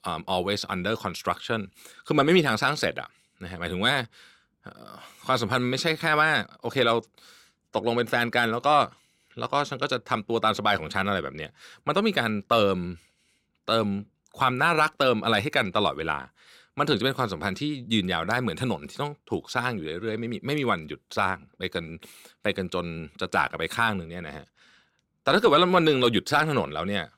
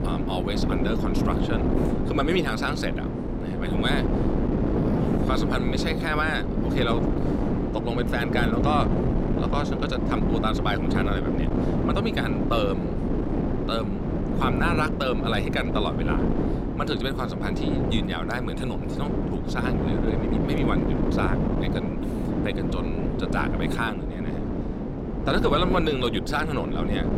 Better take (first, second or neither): first